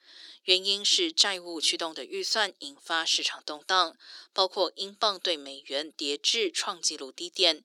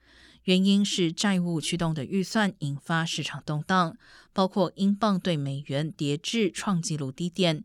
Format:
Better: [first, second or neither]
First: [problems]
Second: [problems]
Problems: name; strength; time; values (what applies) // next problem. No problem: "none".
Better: second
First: thin; very; fading below 350 Hz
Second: none